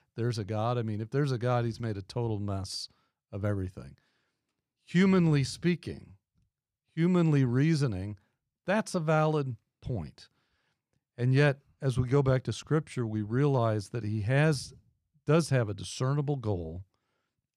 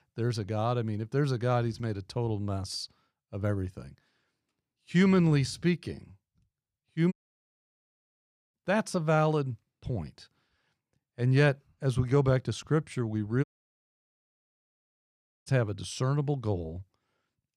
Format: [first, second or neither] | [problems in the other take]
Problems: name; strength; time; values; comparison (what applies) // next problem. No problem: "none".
first | audio cutting out; at 7 s for 1.5 s and at 13 s for 2 s